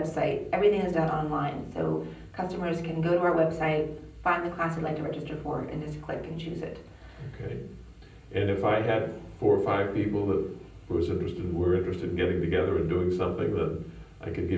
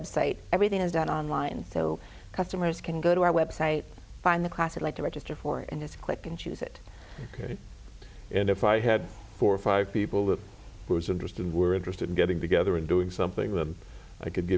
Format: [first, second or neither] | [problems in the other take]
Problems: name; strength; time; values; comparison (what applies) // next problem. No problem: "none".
second | room echo; dies away in 0.6 s